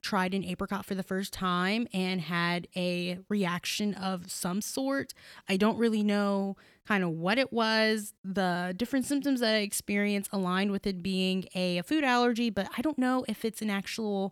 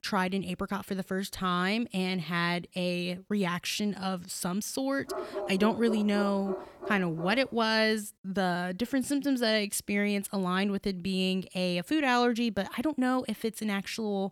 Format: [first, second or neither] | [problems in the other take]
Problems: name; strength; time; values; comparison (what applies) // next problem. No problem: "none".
first | dog barking; noticeable; from 5 to 7.5 s; peak 7 dB below the speech